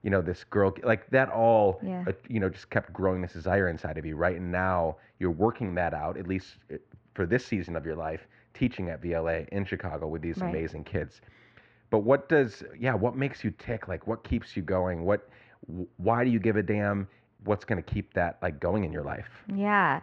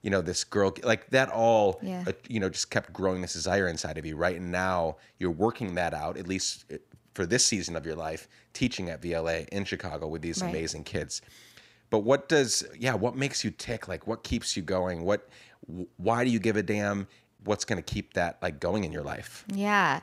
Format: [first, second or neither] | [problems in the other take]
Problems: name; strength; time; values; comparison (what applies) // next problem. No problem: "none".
second | muffled; very; fading above 2 kHz